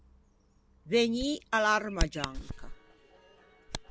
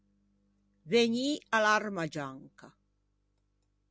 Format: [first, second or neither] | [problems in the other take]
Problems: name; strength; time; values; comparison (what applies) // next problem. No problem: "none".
second | background sound (Bird vocalization, bird call, bird song); 7 dB below the speech